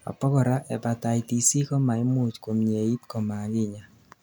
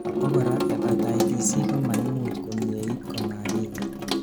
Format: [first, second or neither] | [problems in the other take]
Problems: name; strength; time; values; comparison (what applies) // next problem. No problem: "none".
first | background sound (Sink (filling or washing) / Water tap, faucet); 4 dB above the speech